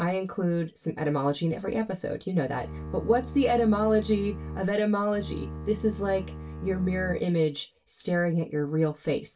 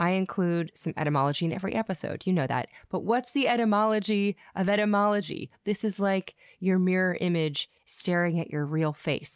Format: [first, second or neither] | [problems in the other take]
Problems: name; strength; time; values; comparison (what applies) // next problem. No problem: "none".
second | background sound (Bowed string instrument); 11 dB below the speech // room echo; dies away in 0.2 s